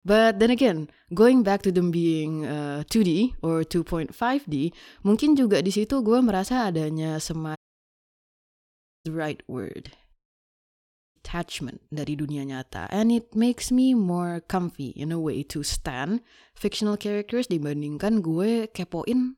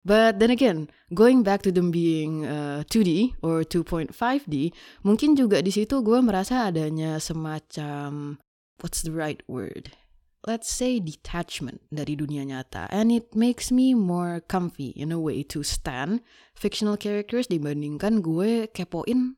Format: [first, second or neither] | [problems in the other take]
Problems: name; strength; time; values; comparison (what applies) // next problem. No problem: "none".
second | audio cutting out; at 7.5 s for 1.5 s and at 10 s for 1 s